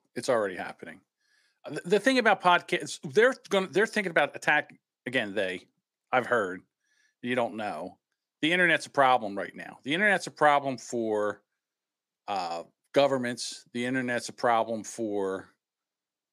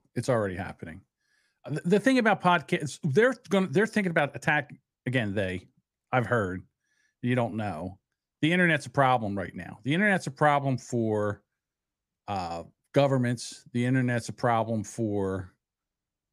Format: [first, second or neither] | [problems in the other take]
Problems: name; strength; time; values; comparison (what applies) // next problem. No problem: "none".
second | thin; somewhat; fading below 300 Hz